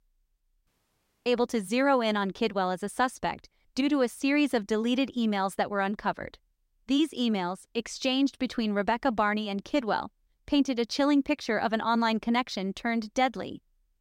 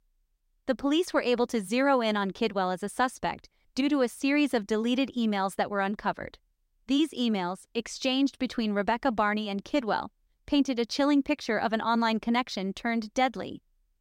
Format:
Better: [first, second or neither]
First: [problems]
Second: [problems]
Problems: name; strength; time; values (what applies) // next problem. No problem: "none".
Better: second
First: audio cutting out; at 0.5 s for 0.5 s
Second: none